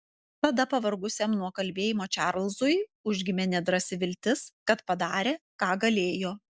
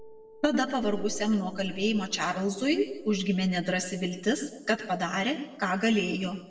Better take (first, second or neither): first